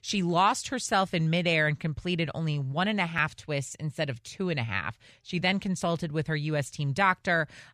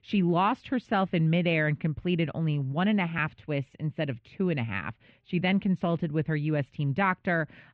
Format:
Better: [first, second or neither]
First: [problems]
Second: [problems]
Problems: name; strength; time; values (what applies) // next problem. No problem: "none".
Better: first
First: none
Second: muffled; very; fading above 3 kHz